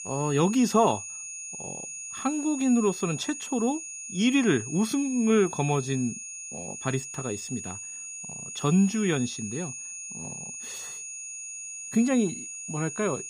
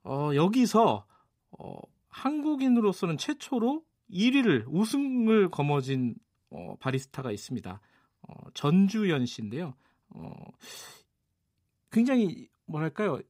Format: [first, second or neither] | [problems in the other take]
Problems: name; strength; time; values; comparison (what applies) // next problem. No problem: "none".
second | high-pitched whine; loud; throughout; 6.5 kHz, 9 dB below the speech